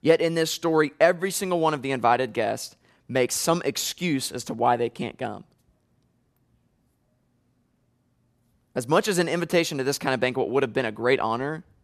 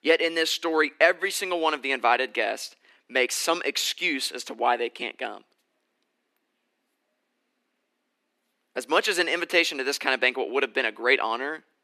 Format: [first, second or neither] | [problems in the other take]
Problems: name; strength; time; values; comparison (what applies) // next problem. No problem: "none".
first | thin; somewhat; fading below 300 Hz